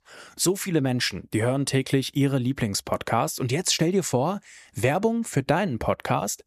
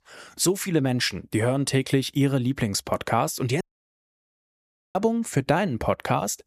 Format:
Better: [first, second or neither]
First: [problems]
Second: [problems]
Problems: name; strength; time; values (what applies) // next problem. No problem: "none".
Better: first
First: none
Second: audio cutting out; at 3.5 s for 1.5 s